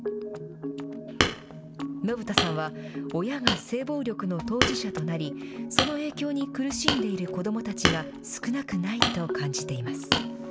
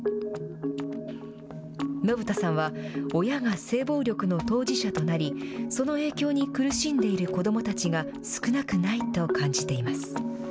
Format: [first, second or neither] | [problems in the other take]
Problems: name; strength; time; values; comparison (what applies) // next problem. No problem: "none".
second | background sound (Hammer); 1 dB below the speech